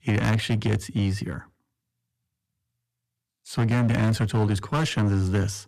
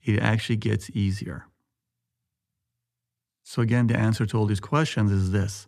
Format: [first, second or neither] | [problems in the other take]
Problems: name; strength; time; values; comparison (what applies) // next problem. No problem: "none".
second | distortion; slight; 13% of the sound clipped